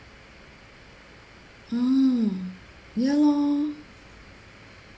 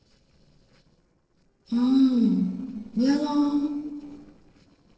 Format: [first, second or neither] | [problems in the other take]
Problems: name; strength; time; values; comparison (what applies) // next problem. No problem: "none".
first | noise reduction (neural separator model SepFormer DNS4)